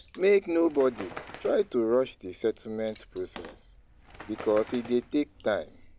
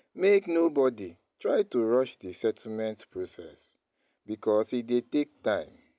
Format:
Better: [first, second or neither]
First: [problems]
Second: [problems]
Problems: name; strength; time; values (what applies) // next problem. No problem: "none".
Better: second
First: background sound (Water / Splash, splatter + Bird); 19 dB below the speech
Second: none